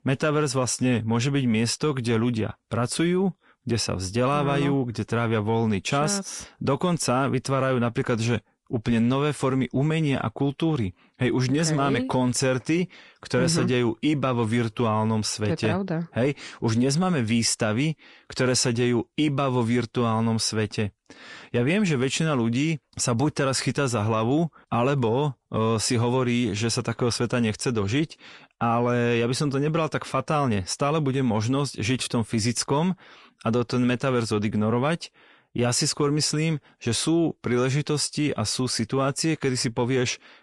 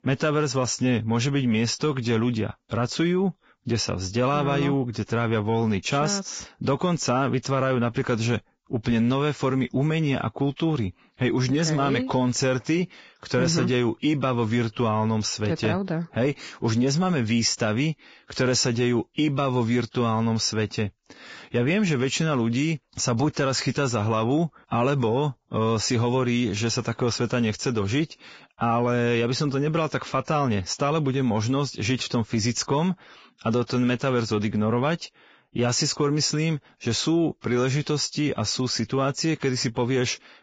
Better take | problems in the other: first | garbled, watery; badly; nothing above 7.5 kHz; slightly in the first

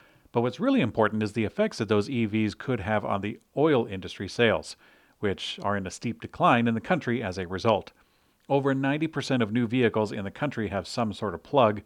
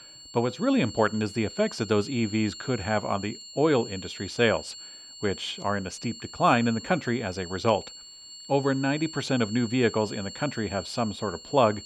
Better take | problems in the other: first | high-pitched whine; noticeable; throughout; 4.5 kHz, 15 dB below the speech

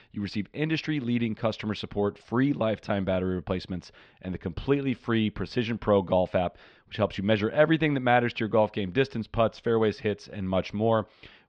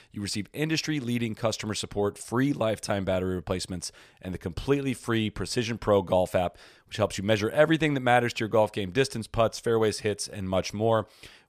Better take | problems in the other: second | muffled; slightly; fading above 4 kHz

